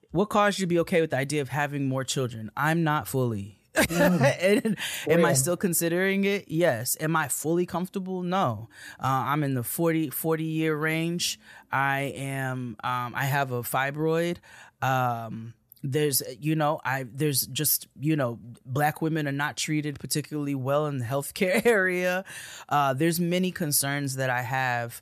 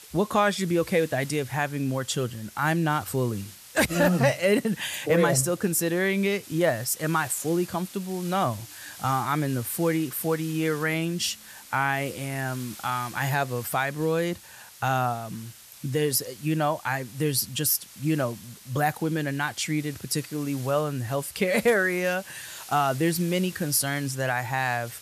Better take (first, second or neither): first